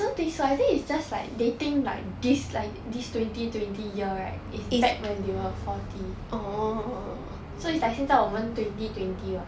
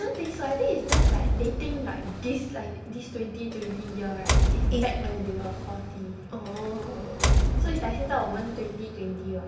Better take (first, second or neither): first